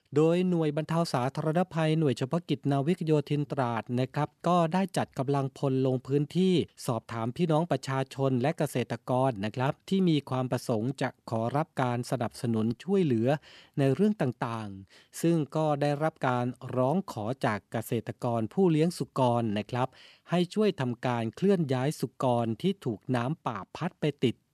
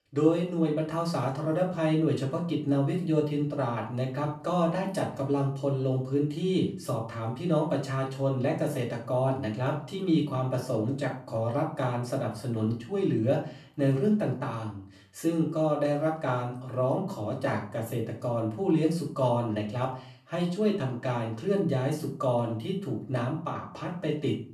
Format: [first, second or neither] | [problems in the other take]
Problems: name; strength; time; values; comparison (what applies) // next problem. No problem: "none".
first | room echo; slight; dies away in 0.4 s // off-mic speech; far